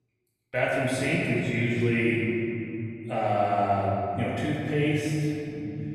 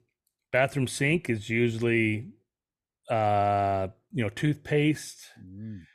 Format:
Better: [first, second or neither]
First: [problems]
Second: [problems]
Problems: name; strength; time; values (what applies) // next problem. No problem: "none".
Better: second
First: off-mic speech; far // room echo; strong; dies away in 3 s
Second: none